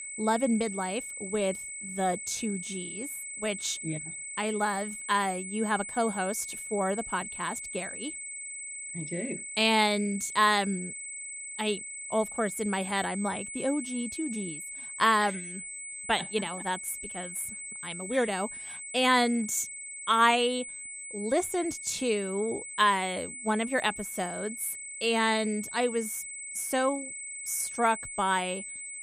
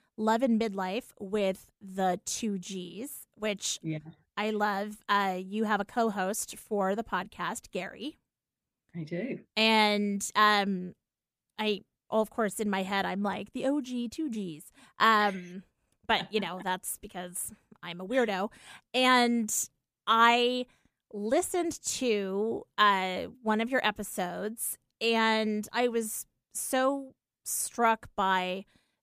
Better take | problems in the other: second | high-pitched whine; loud; throughout; 8 kHz, 8 dB below the speech

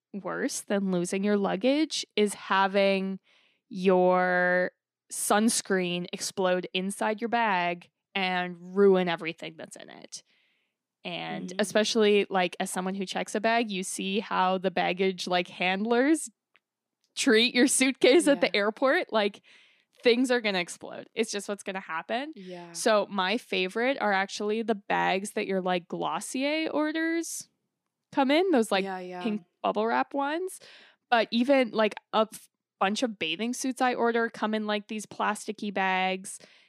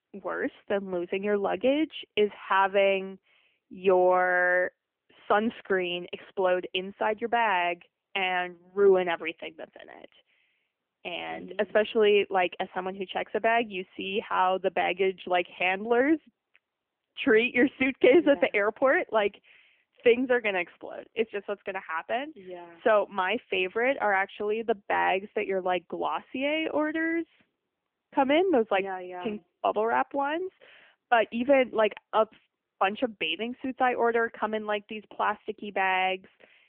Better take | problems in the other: first | phone-call audio; nothing above 3 kHz

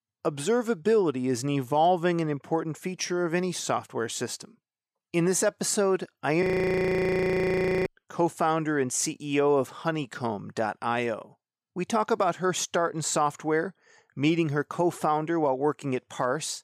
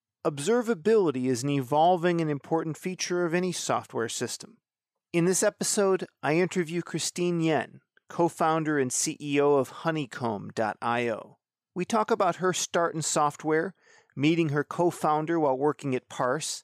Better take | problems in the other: second | audio freezing; at 6.5 s for 1.5 s

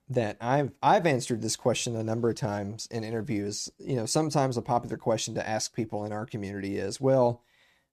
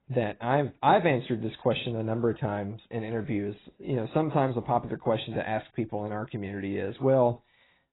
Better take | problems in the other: first | garbled, watery; badly; nothing above 4 kHz

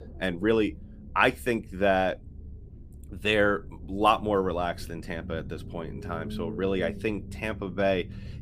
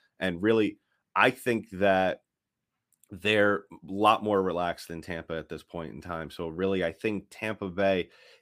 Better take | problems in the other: second | low rumble; faint; throughout; 20 dB below the speech

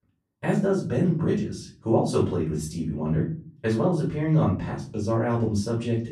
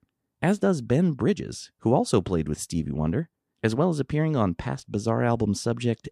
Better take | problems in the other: second | room echo; slight; dies away in 0.4 s // off-mic speech; far

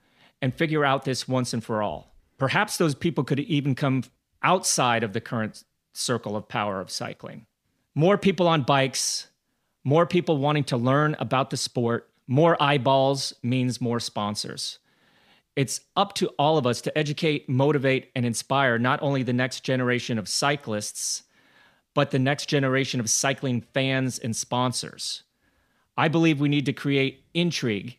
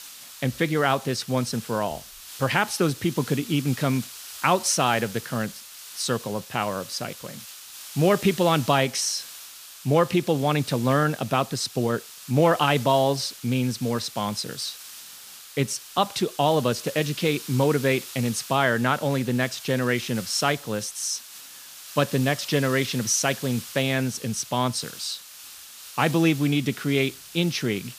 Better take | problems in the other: first | hiss; noticeable; throughout; 15 dB below the speech

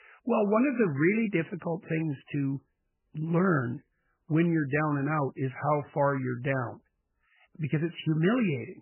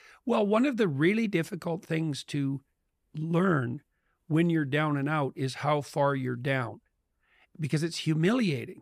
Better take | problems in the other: second | garbled, watery; badly; nothing above 3 kHz

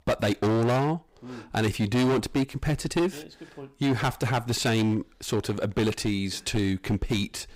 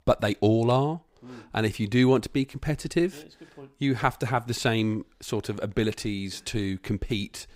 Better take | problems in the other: second | distortion; heavy; 14% of the sound clipped

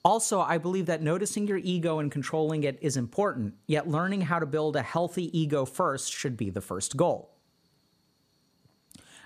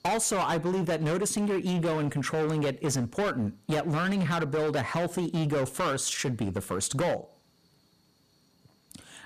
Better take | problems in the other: first | distortion; heavy; 20% of the sound clipped

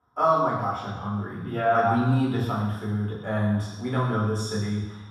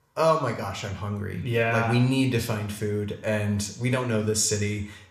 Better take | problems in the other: second | room echo; strong; dies away in 1.2 s; slight in the second // off-mic speech; far

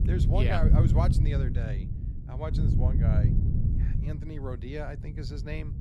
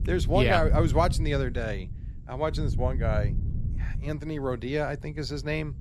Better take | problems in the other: second | wind noise on the microphone; heavy; 2 dB below the speech; occasional gusts in the second

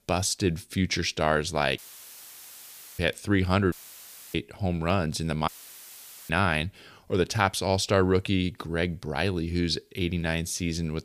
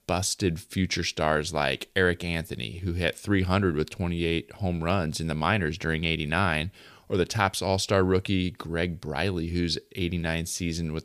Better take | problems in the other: second | audio cutting out; filled with static; at 2 s for 1 s, at 3.5 s for 0.5 s and at 5.5 s for 1 s

